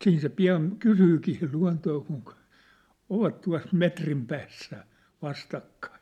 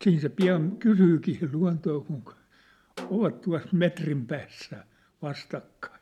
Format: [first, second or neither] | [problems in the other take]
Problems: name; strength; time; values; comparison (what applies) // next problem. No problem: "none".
first | background sound (Snare drum); 20 dB below the speech